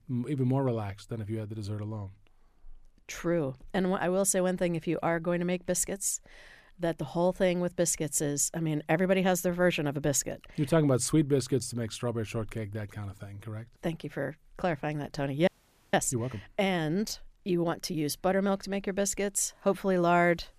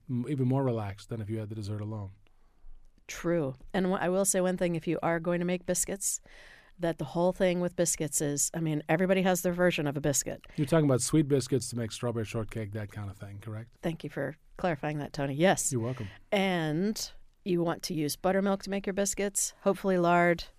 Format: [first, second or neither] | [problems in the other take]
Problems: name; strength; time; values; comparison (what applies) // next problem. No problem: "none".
second | audio freezing; at 15 s